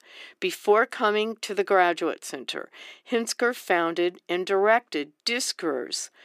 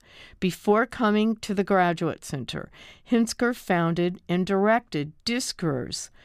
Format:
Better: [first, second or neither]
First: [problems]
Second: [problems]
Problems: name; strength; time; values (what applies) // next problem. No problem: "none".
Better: second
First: thin; somewhat; fading below 350 Hz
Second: none